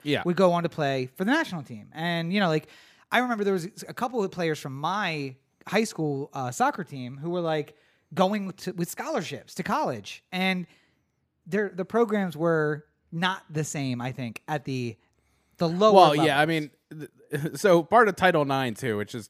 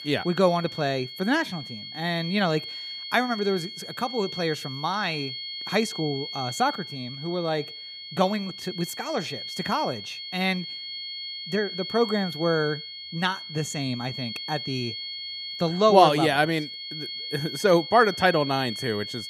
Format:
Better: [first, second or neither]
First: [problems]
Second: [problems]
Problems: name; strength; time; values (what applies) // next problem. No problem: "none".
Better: first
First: none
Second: high-pitched whine; loud; throughout; 4.5 kHz, 8 dB below the speech